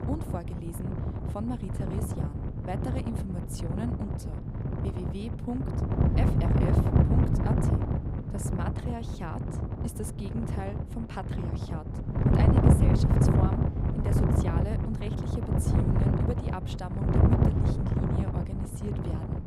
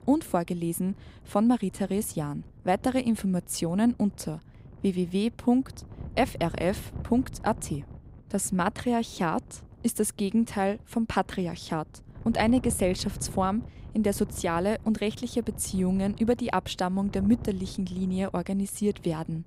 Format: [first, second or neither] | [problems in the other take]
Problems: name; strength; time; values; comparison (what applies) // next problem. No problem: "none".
second | wind noise on the microphone; heavy; 5 dB above the speech; occasional gusts in the second